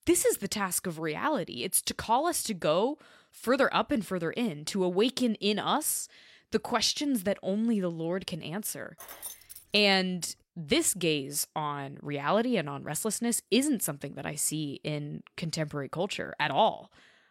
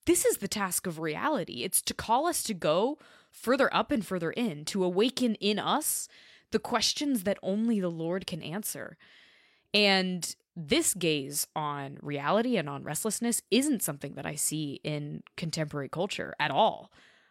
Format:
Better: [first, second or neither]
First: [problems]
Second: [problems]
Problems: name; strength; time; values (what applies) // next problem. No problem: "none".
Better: second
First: jangling keys; faint; at 9 s; peak 10 dB below the speech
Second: none